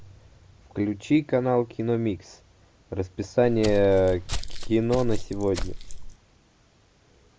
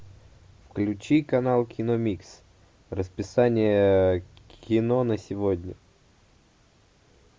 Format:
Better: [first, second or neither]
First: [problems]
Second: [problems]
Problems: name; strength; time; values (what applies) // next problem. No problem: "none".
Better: second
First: background sound (Walk, footsteps); 3 dB below the speech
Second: none